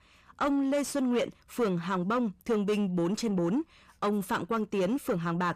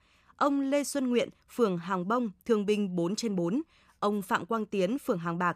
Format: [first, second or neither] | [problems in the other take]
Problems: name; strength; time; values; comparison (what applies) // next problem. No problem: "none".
second | distortion; slight; 10 dB below the speech